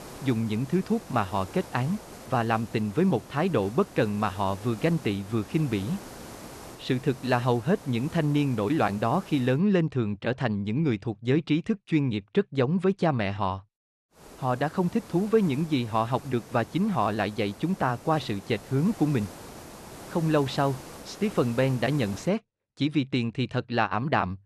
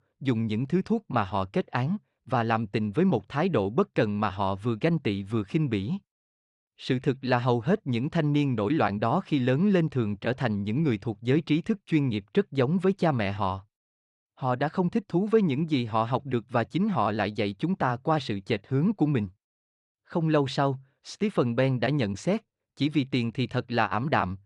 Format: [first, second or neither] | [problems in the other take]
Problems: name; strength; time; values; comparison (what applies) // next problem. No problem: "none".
second | hiss; noticeable; until 9.5 s and from 14 to 22 s; 20 dB below the speech